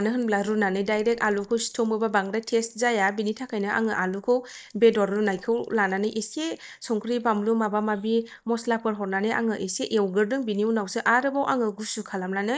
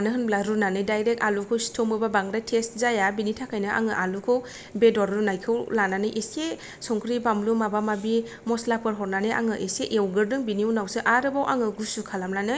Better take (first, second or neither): second